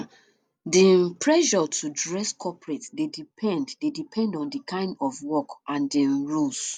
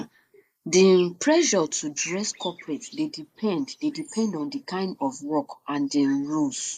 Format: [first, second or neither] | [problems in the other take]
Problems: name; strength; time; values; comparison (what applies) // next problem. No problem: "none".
first | noise reduction (neural mask model Resemble Enhance denoiser)